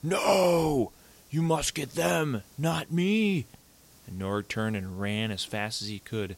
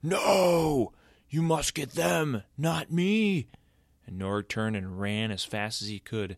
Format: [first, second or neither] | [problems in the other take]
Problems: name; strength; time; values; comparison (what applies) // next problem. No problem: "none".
second | hiss; faint; throughout; 25 dB below the speech